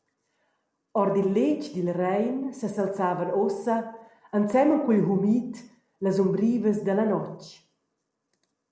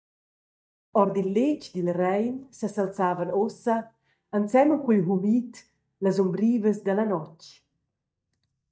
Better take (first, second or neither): first